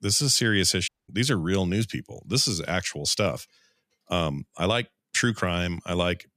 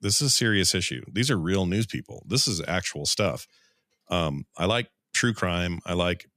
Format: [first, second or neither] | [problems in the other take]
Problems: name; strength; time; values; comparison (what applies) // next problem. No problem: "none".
second | audio cutting out; at 1 s